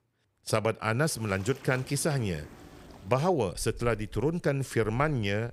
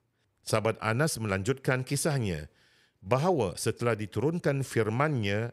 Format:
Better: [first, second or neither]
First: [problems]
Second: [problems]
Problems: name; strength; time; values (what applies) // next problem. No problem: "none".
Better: second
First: rain or running water; faint; from 1.5 s on; 20 dB below the speech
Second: none